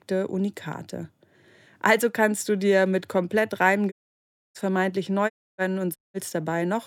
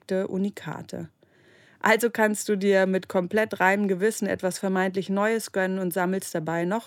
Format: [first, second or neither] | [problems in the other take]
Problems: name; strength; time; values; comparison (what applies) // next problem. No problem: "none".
second | audio cutting out; at 4 s for 0.5 s, at 5.5 s and at 6 s